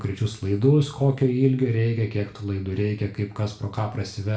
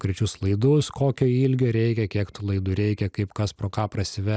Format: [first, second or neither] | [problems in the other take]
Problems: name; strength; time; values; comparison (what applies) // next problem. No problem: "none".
second | room echo; dies away in 0.4 s